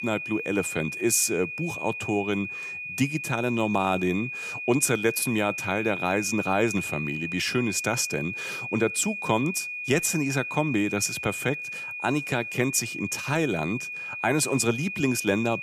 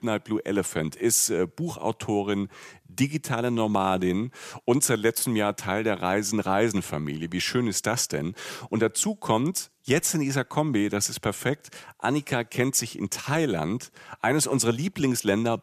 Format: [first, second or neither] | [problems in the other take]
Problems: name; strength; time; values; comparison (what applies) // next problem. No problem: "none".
second | high-pitched whine; loud; throughout; 2.5 kHz, 5 dB below the speech